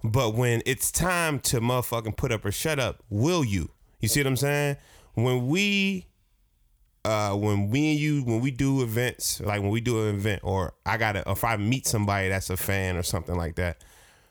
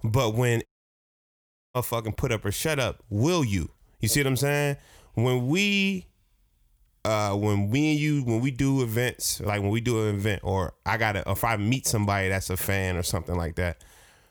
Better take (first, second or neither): first